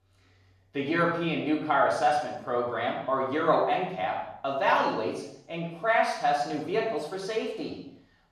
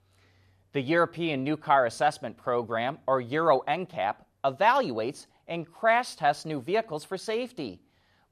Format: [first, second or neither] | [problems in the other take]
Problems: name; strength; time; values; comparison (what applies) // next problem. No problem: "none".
second | room echo; noticeable; dies away in 0.7 s // off-mic speech; far